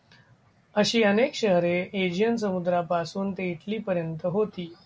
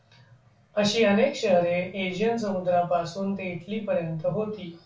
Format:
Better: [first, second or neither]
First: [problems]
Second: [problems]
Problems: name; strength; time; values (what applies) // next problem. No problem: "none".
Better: first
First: none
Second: room echo; dies away in 0.3 s